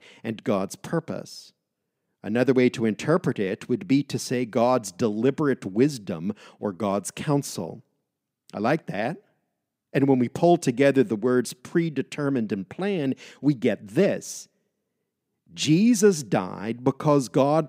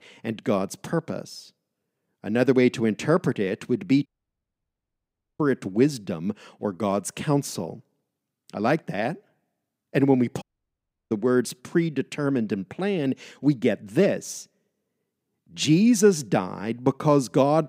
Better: first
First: none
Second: audio cutting out; at 4 s for 1.5 s and at 10 s for 0.5 s

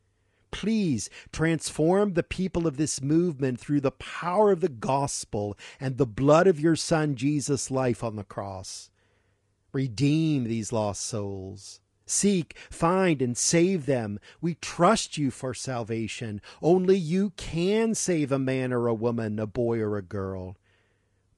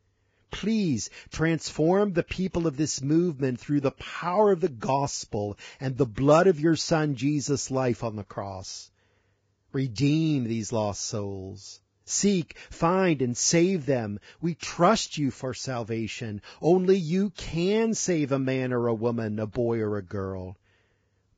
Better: first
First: garbled, watery; slightly; nothing above 10.5 kHz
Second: garbled, watery; badly; nothing above 7.5 kHz

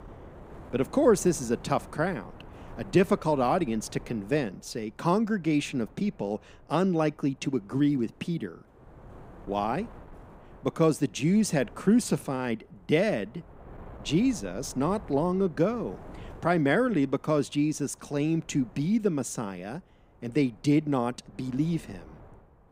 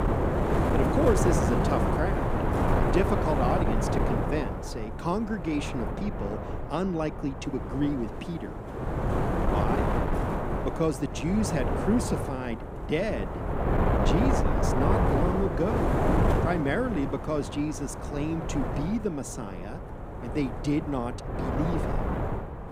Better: first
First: wind noise on the microphone; occasional gusts; 25 dB below the speech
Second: wind noise on the microphone; heavy; 2 dB above the speech

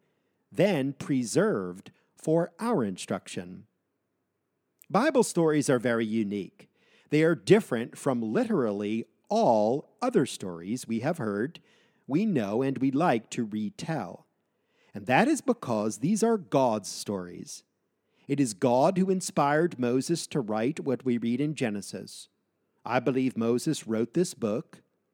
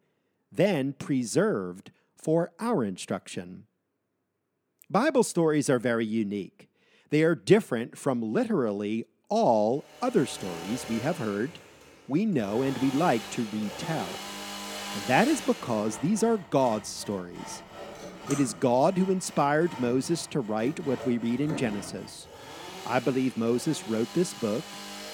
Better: first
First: none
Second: machinery noise; noticeable; from 10 s on; 15 dB below the speech

